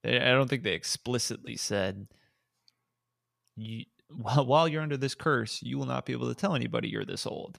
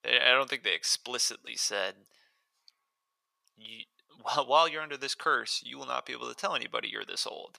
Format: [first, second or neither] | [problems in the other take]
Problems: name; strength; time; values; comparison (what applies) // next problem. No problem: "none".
first | thin; very; fading below 650 Hz